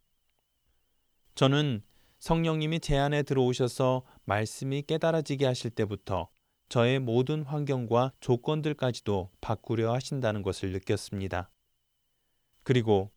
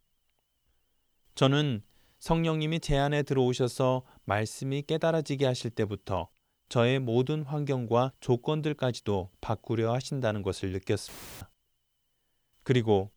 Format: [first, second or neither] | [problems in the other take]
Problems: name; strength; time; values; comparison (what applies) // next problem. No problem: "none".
first | audio cutting out; filled with static; at 11 s